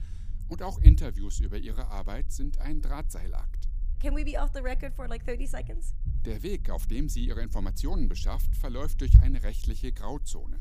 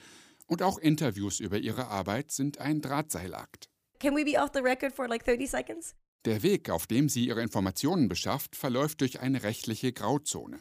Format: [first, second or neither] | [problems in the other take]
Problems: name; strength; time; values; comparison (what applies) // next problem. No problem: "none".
second | low rumble; loud; throughout; 7 dB below the speech